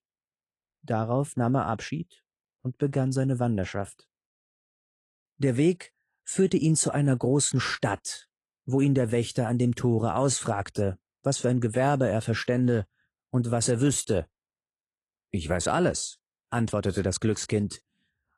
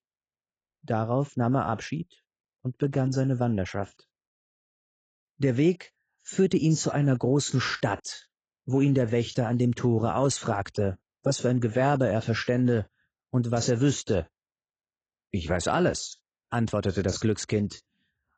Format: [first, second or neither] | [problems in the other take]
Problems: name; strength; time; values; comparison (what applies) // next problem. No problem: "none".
first | garbled, watery; badly; nothing above 8 kHz; slightly in the first